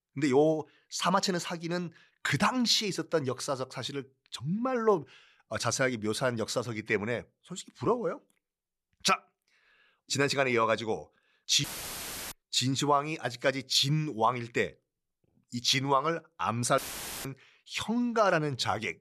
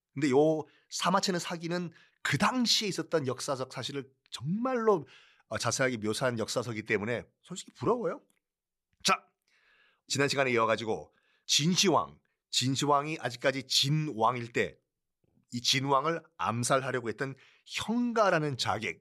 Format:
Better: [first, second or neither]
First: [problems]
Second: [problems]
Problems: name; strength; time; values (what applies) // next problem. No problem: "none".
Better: second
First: audio cutting out; filled with static; at 12 s for 0.5 s and at 17 s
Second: none